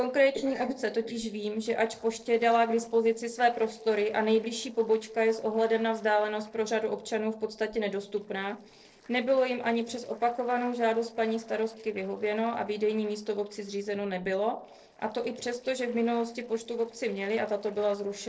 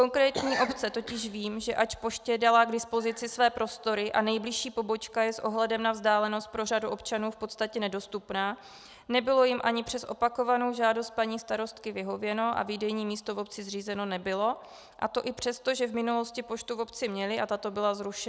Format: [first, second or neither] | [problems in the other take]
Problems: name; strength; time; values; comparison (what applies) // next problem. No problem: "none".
second | noise reduction (neural separator model SepFormer DNS4)